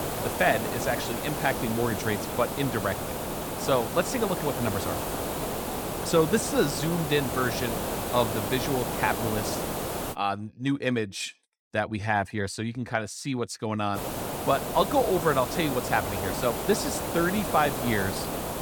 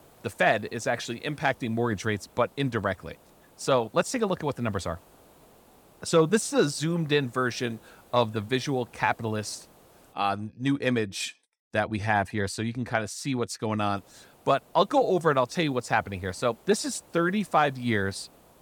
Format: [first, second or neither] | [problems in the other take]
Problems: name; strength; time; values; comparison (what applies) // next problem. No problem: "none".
second | hiss; loud; until 10 s and from 14 s on; 3 dB below the speech; faint in the second